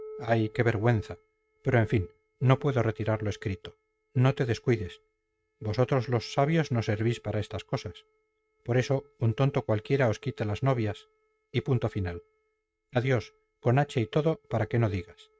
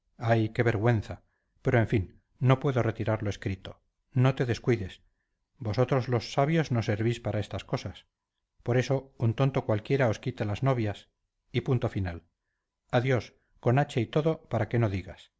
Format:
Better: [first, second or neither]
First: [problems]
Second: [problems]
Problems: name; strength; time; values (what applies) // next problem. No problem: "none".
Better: second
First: noise reduction (neural mask model RNNoise)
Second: none